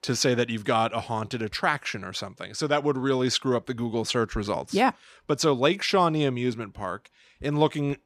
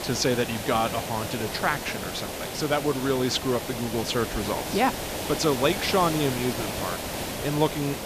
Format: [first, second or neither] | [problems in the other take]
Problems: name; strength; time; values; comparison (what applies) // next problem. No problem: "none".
first | hiss; loud; throughout; 5 dB below the speech